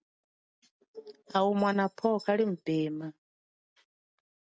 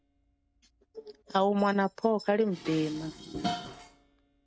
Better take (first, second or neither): first